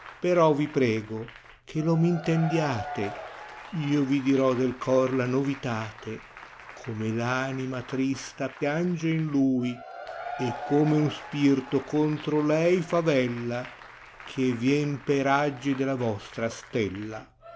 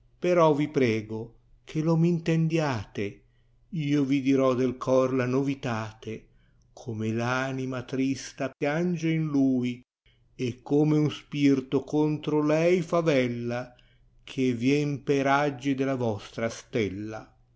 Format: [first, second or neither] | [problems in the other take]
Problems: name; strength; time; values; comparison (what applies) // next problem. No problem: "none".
second | background sound (Applause / Crowd / Cheering); 16 dB below the speech